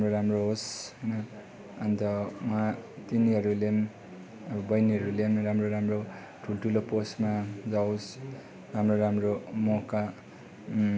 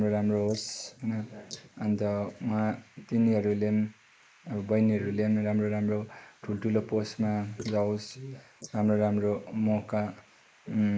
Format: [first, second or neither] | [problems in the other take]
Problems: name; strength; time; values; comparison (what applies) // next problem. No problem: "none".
first | noise reduction (neural mask model Resemble Enhance denoiser)